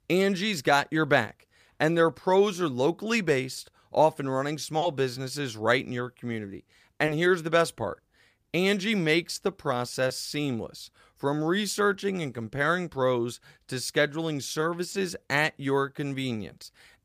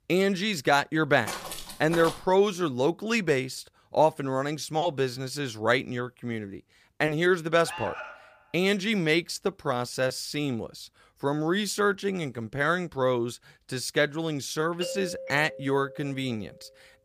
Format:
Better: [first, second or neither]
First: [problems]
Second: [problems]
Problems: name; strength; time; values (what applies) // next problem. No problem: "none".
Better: first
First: none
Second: footsteps; noticeable; from 1.5 to 2.5 s; peak 8 dB below the speech // alarm; noticeable; at 7.5 s; peak 9 dB below the speech // doorbell; noticeable; from 15 to 16 s; peak 8 dB below the speech